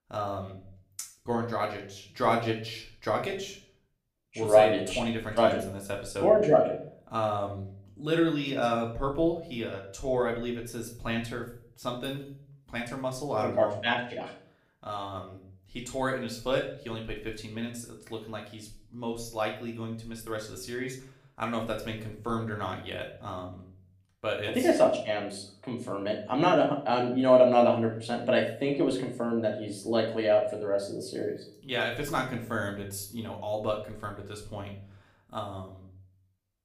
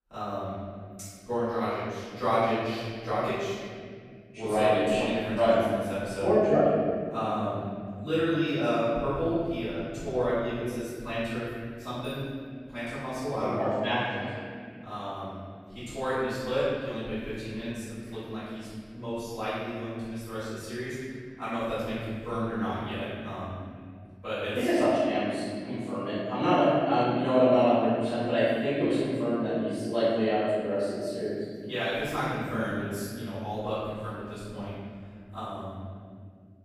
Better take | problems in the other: first | room echo; strong; dies away in 2.6 s; slight in the first // off-mic speech; far; somewhat distant in the first

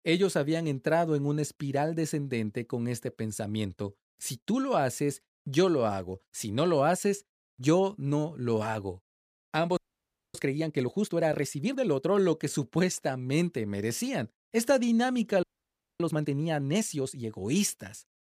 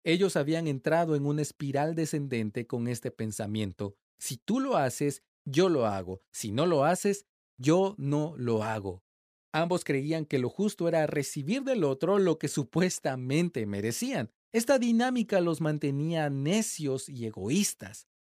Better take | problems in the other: second | audio freezing; at 10 s for 0.5 s and at 15 s for 0.5 s

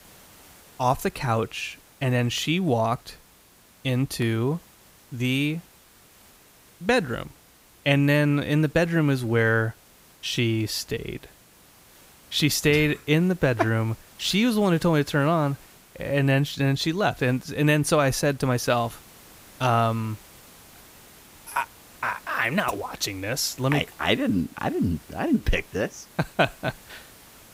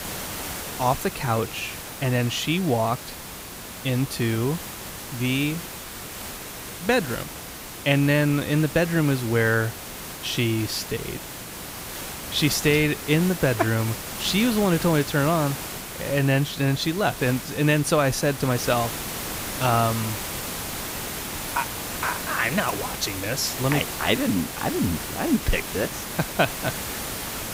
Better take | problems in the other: first | hiss; loud; throughout; 8 dB below the speech; faint in the first

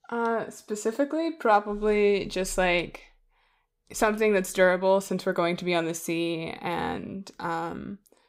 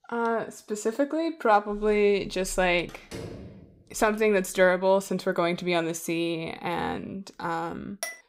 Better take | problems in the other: first | door banging; faint; at 3 s; peak 15 dB below the speech // clattering dishes; noticeable; at 8 s; peak 10 dB below the speech

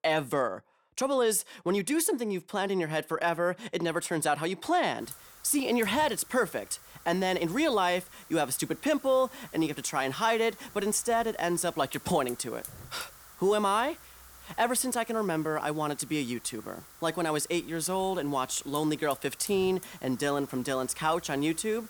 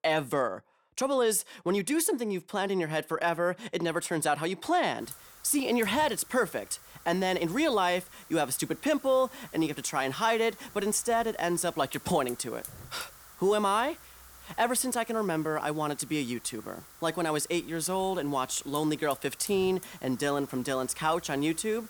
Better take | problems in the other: neither | hiss; noticeable; from 5 s on; 20 dB below the speech; the same in both

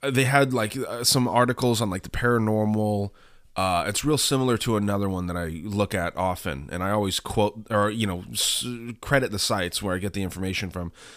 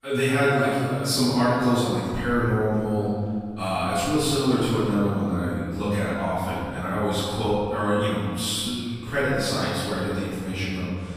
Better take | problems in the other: first | off-mic speech; far // room echo; strong; dies away in 2 s

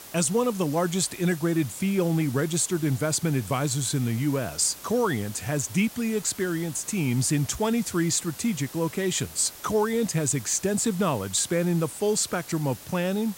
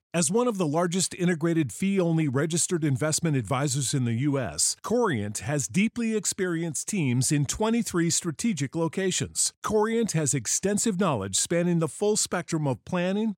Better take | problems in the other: second | hiss; noticeable; throughout; 15 dB below the speech

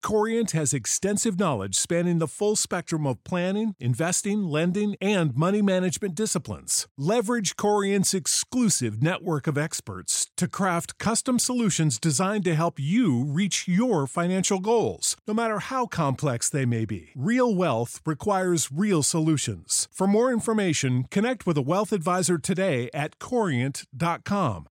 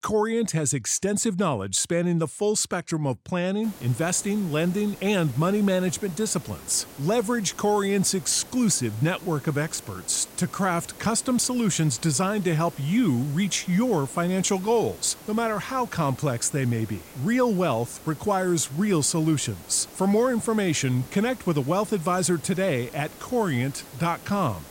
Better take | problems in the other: first | hiss; noticeable; from 3.5 s on; 20 dB below the speech

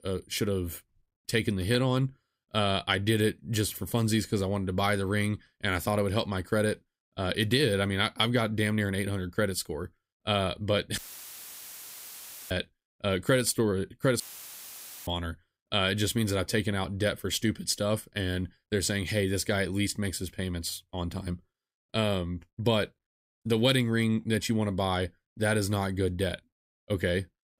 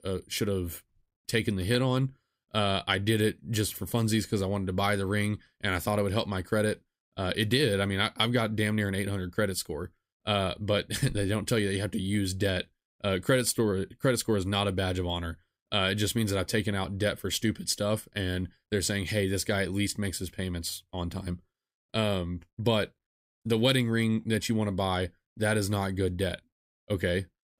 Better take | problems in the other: second | audio cutting out; filled with static; at 11 s for 1.5 s and at 14 s for 1 s

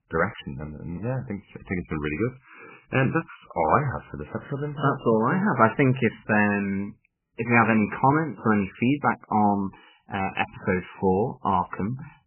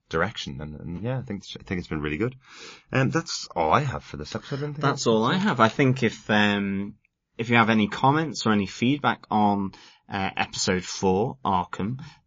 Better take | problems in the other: second | garbled, watery; badly; nothing above 2.5 kHz; slightly in the second

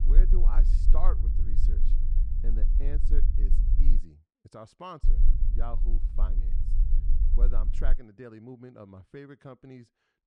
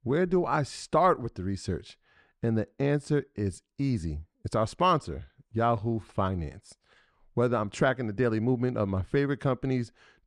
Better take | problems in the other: second | low rumble; loud; until 4 s and from 5 to 8 s; 7 dB below the speech

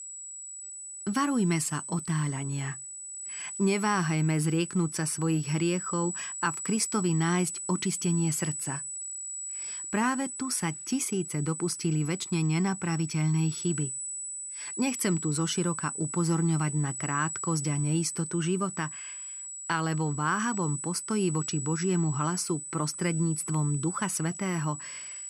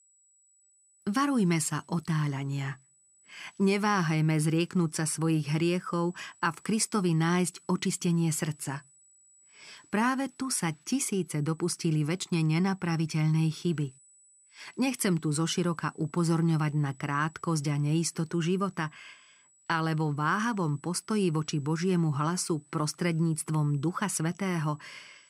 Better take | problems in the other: second | high-pitched whine; loud; throughout; 8 kHz, 6 dB below the speech; faint in the second

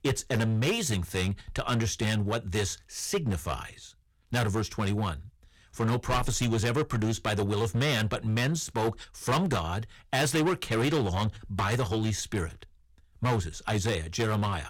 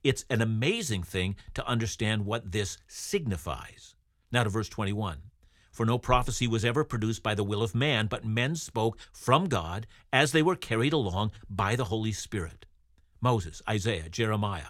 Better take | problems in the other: second | distortion; heavy; 13% of the sound clipped

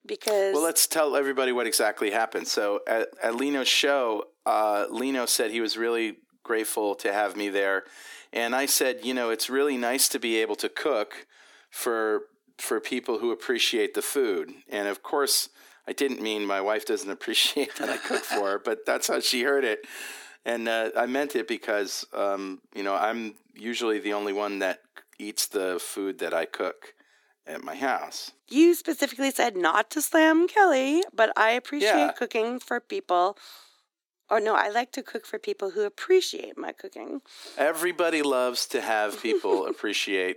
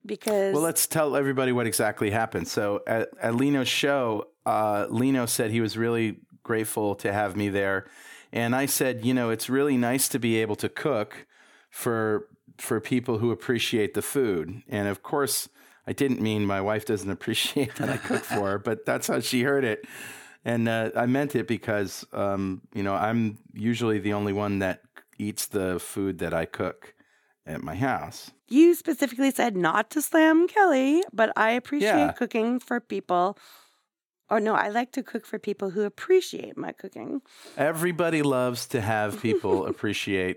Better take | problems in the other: second | thin; somewhat; fading below 300 Hz

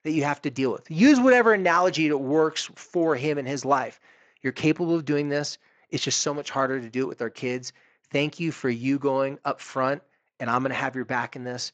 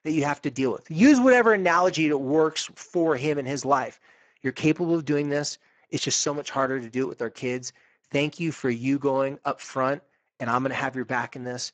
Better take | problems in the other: first | garbled, watery; badly; slightly in the first

